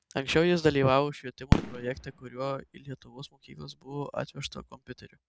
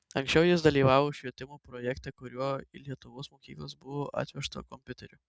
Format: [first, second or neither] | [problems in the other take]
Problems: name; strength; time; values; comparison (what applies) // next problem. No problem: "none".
second | background sound (Fireworks); 4 dB below the speech